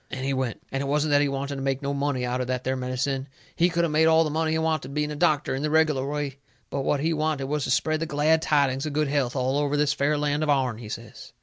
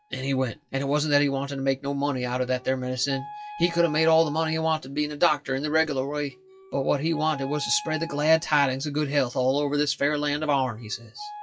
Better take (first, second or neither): first